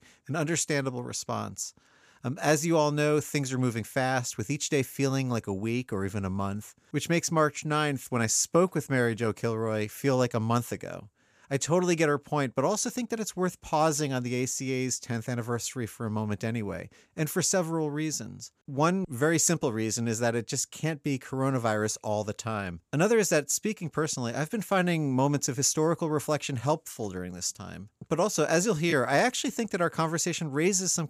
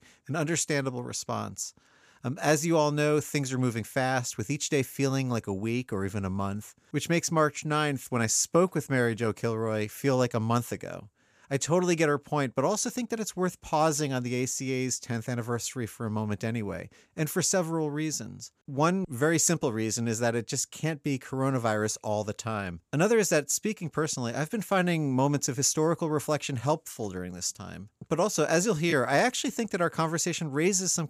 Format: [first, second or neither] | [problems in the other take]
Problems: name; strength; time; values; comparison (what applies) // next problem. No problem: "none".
neither | none